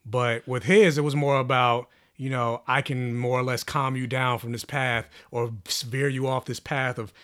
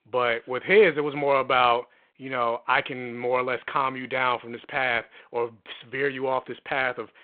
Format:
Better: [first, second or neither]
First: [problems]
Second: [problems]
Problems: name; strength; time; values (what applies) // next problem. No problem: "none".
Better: first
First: none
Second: phone-call audio